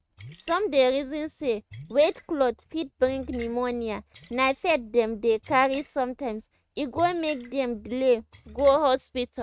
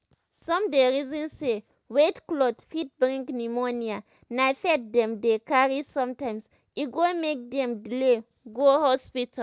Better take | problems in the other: second | noise reduction (neural mask model RNNoise)

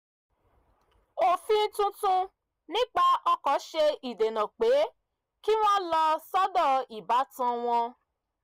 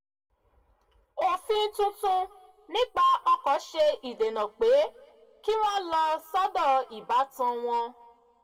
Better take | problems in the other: first | room echo; dies away in 1.3 s

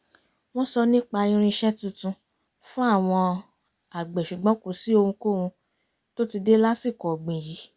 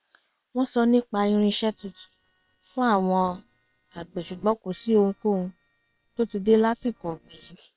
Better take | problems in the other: first | noise reduction (neural separator model SepFormer WHAM!)

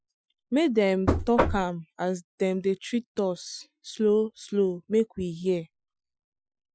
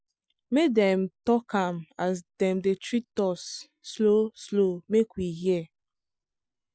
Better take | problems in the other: second | noise reduction (classical method Wiener filter)

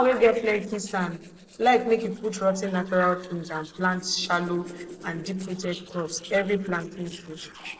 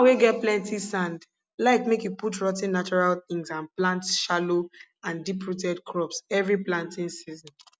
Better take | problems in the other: second | noise reduction (neural separator model SepFormer DNS4)

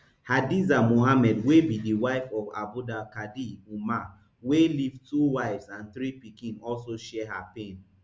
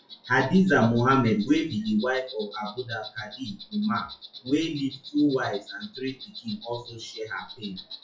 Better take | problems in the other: first | noise reduction (classical method WPE with log-MMSE)

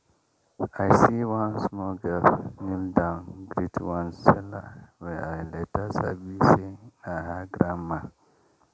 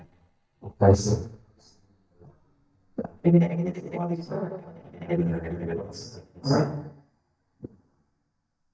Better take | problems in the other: first | noise reduction (neural mask model DeepFilterNet 3)

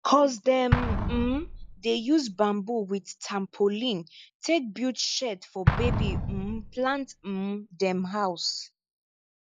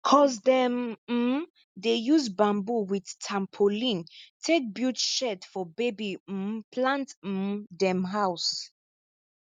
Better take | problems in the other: second | noise reduction (classical method log-MMSE)

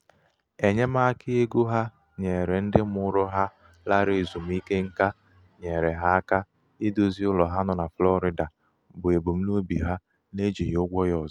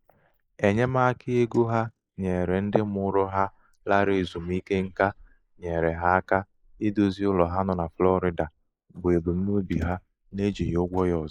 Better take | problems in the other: first | noise reduction (neural mask model Resemble Enhance denoiser)

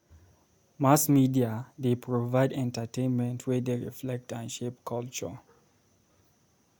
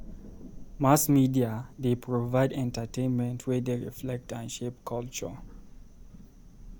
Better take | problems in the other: first | background sound (Thunder / Rain); 17 dB below the speech

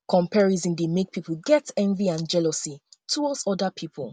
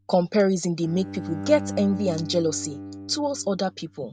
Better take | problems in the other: first | background sound (Bowed string instrument); 11 dB below the speech

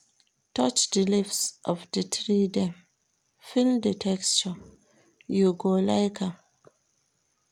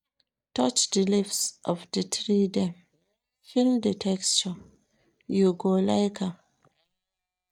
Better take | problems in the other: first | noise reduction (neural mask model DeepFilterNet 3)

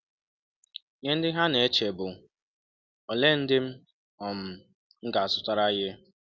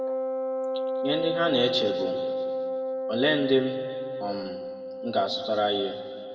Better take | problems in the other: first | background sound (Wind instrument, woodwind instrument); 1 dB below the speech // room echo; dies away in 1.8 s

